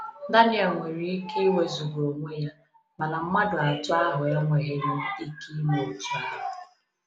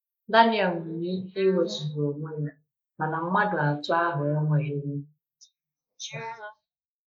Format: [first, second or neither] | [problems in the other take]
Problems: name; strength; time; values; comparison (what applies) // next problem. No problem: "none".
first | noise reduction (neural mask model Resemble Enhance denoiser)